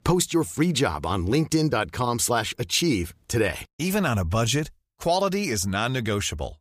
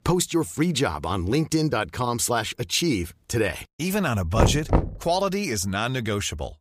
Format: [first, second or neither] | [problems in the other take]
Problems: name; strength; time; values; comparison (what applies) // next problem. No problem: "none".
first | door banging; loud; at 4.5 s; peak 3 dB above the speech